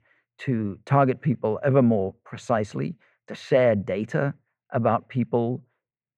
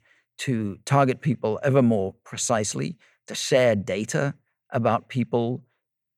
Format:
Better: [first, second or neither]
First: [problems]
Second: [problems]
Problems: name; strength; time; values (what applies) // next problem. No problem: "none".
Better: second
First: muffled; very; fading above 4 kHz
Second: none